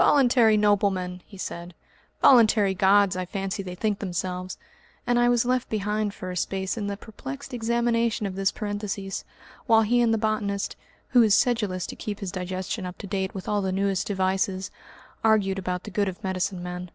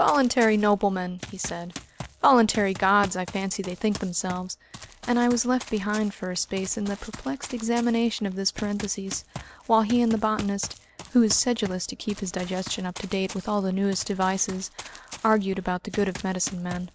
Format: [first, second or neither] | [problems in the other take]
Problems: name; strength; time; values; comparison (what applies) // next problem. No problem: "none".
first | background sound (Run); 16 dB below the speech